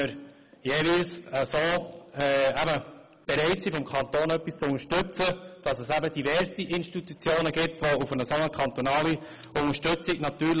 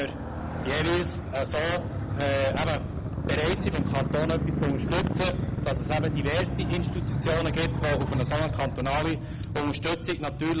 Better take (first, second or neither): first